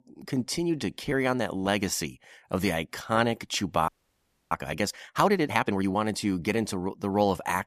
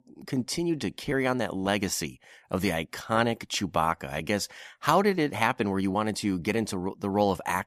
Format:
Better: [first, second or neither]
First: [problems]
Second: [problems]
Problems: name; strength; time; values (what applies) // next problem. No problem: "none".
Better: second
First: audio freezing; at 4 s for 0.5 s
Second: none